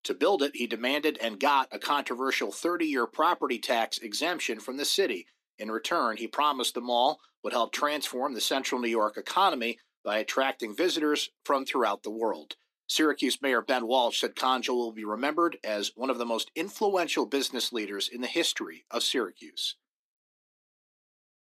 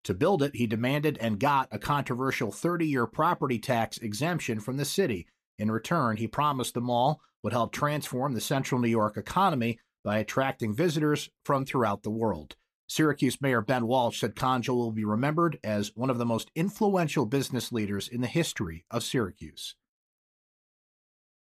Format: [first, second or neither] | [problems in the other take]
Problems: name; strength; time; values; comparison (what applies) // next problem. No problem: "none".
second | thin; somewhat; fading below 250 Hz